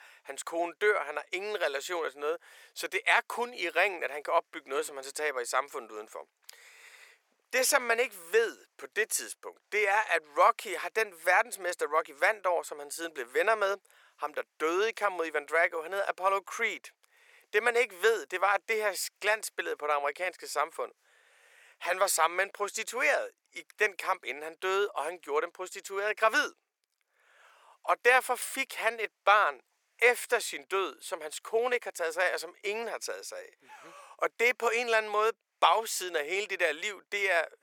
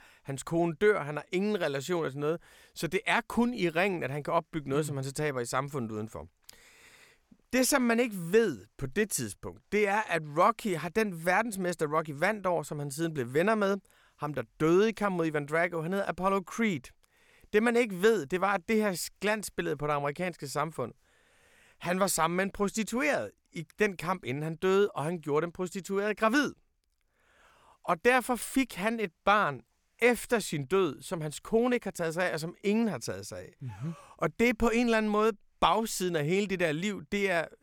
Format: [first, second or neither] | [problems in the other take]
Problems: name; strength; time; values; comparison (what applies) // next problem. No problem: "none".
second | thin; very; fading below 450 Hz